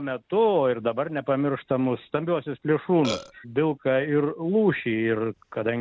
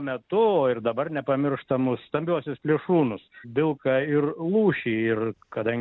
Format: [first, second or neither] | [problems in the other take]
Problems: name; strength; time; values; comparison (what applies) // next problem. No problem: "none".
second | background sound (Burping, eructation); 8 dB below the speech